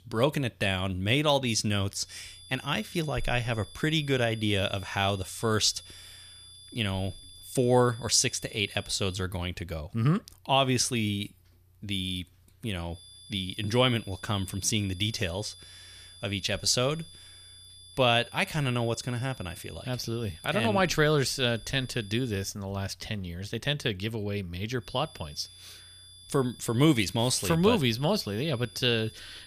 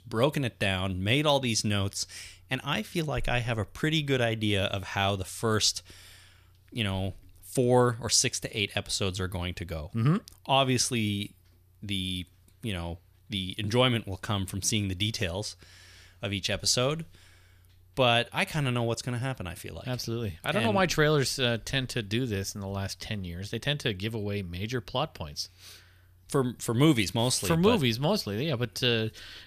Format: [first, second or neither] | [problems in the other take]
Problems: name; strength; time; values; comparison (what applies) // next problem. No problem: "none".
second | high-pitched whine; noticeable; from 2 to 9 s, from 13 to 23 s and from 25 s on; 3.5 kHz, 20 dB below the speech